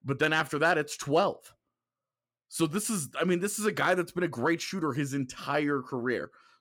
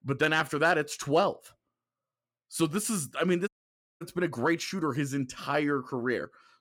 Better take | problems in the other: first | audio cutting out; at 3.5 s for 0.5 s

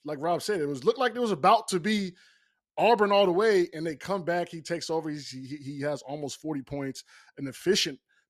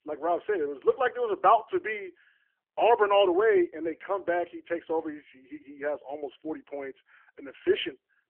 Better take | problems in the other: first | phone-call audio; poor line; nothing above 3 kHz

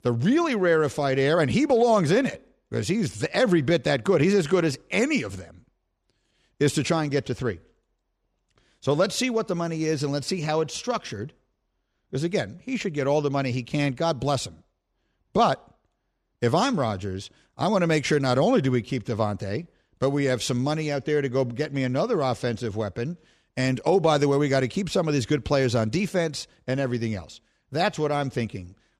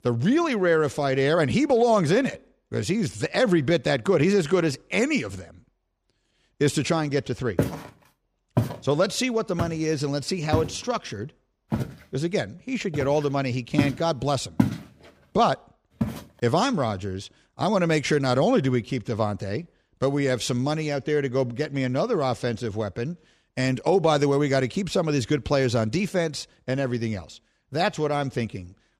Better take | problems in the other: first | footsteps; noticeable; from 7.5 to 16 s; peak 1 dB below the speech

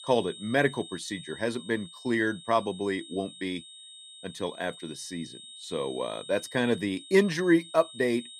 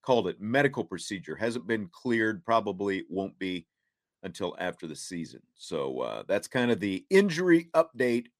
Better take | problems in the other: second | high-pitched whine; noticeable; throughout; 3.5 kHz, 15 dB below the speech

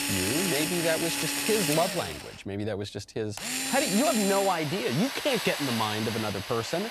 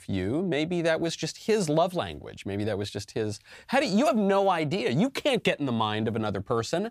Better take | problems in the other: second | machinery noise; loud; throughout; 1 dB below the speech

